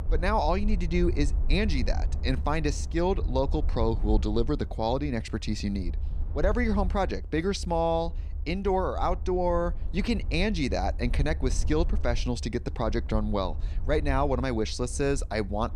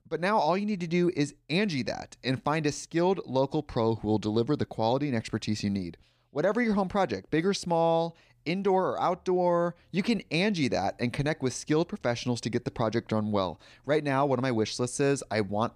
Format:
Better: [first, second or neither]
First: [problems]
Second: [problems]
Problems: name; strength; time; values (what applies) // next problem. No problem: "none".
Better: second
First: low rumble; faint; throughout; 20 dB below the speech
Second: none